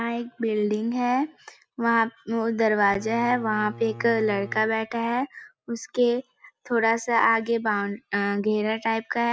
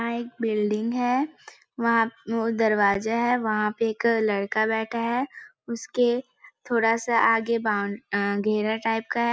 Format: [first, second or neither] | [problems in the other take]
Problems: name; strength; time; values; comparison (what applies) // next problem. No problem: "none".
second | background sound (Bowed string instrument); 17 dB below the speech